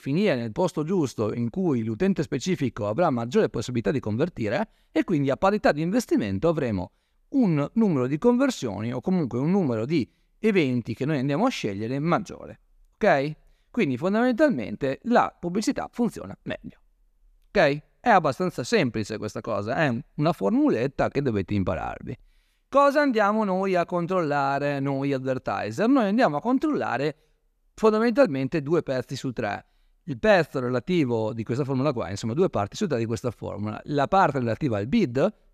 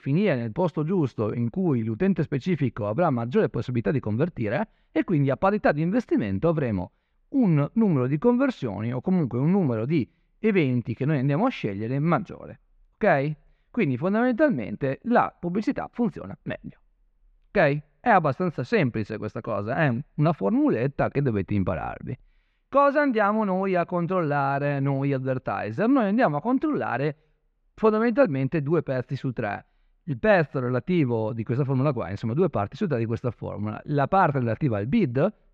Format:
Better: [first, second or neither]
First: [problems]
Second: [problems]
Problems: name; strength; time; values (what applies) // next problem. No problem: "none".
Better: first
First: none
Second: muffled; slightly; fading above 2.5 kHz